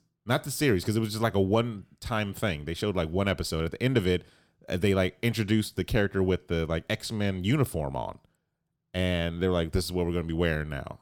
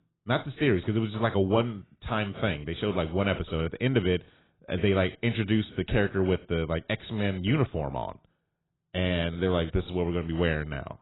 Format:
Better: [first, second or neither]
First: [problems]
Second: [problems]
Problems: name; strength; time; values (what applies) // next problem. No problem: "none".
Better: first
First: none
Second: garbled, watery; badly; nothing above 4 kHz